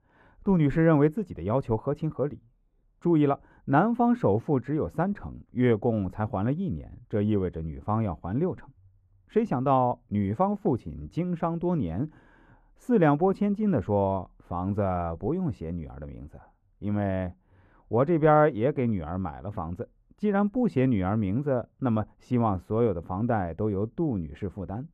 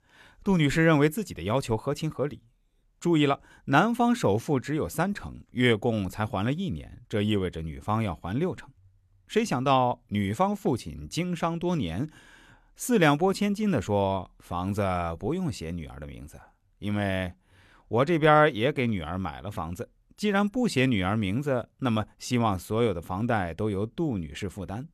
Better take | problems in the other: second | muffled; very; fading above 2 kHz

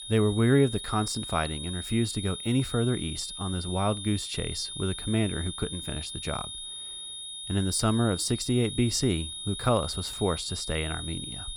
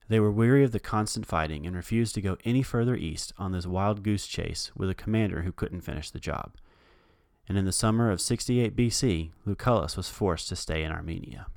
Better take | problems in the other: second | high-pitched whine; loud; throughout; 3.5 kHz, 7 dB below the speech

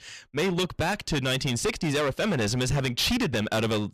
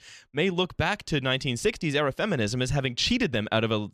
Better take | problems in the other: second | distortion; heavy; 21% of the sound clipped

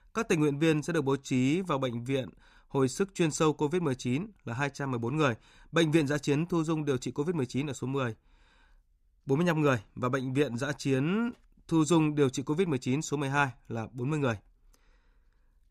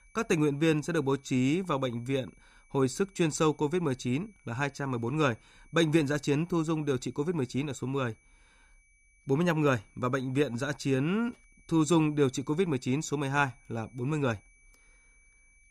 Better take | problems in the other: first | high-pitched whine; faint; throughout; 2.5 kHz, 35 dB below the speech

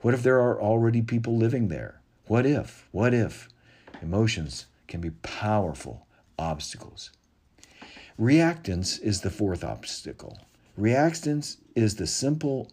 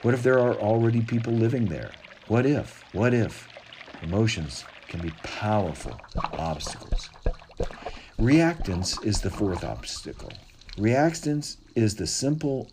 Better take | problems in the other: first | rain or running water; noticeable; throughout; 15 dB below the speech

